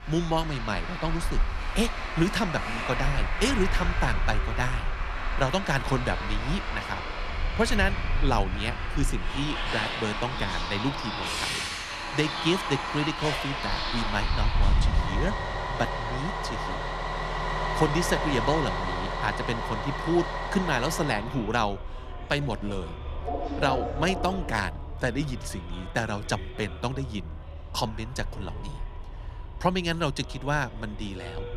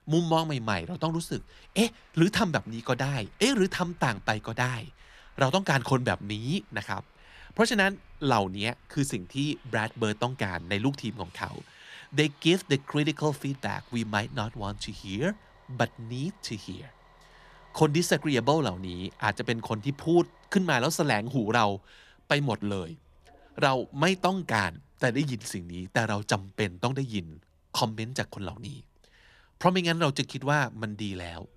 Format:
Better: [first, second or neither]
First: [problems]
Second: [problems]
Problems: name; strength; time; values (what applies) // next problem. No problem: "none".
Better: second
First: traffic noise; loud; throughout; 2 dB below the speech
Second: traffic noise; faint; throughout; 30 dB below the speech